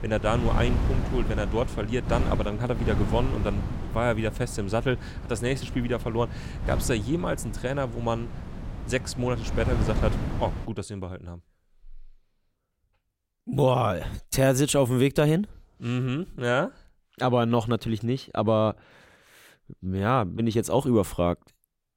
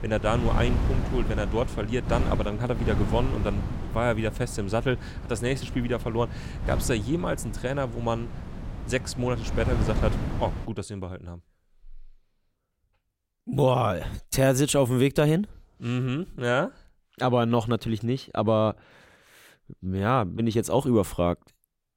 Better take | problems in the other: neither | wind noise on the microphone; faint; until 11 s; 10 dB below the speech; the same in both

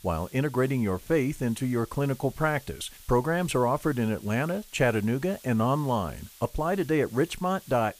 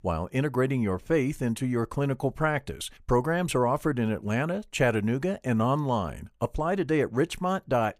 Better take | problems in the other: second | hiss; faint; throughout; 20 dB below the speech

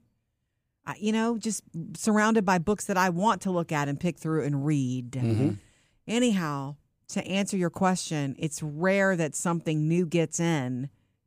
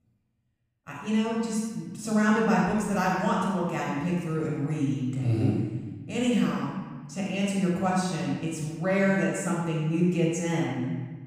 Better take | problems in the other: first | off-mic speech; far // room echo; strong; dies away in 1.3 s

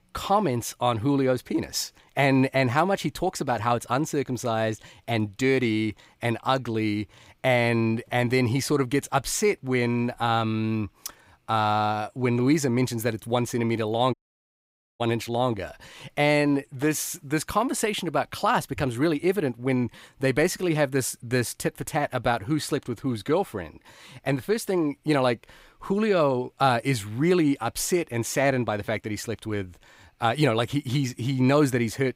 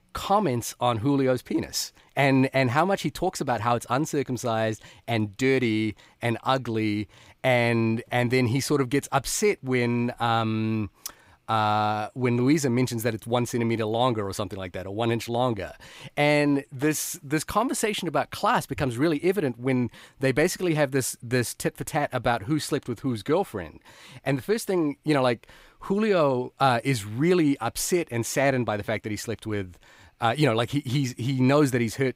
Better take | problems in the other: second | audio cutting out; at 14 s for 1 s

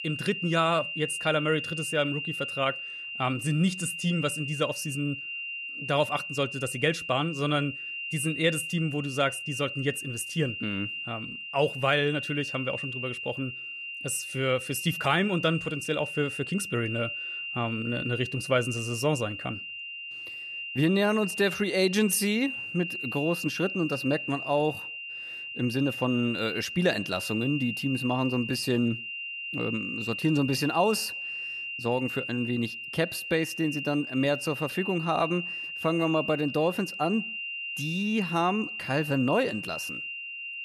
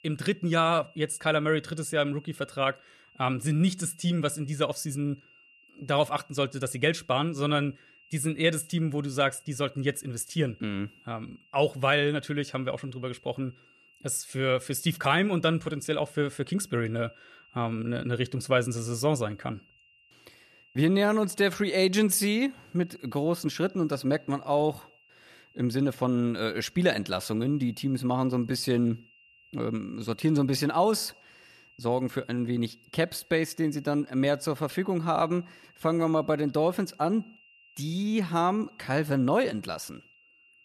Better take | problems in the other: second | high-pitched whine; loud; throughout; 3 kHz, 5 dB below the speech; faint in the second

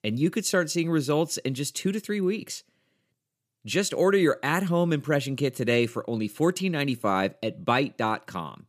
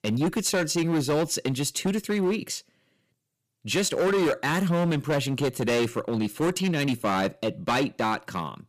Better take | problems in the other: first | distortion; heavy; 14% of the sound clipped

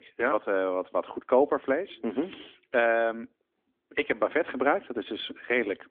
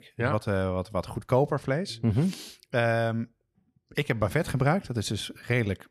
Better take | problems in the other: second | phone-call audio; nothing above 3.5 kHz

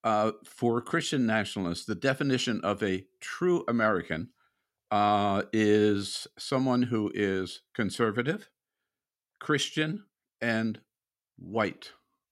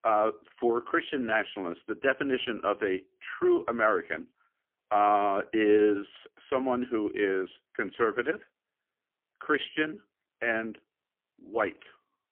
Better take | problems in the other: first | phone-call audio; poor line; nothing above 3.5 kHz

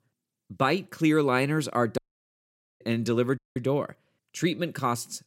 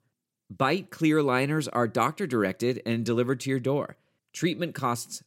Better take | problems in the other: second | audio cutting out; at 2 s for 1 s and at 3.5 s

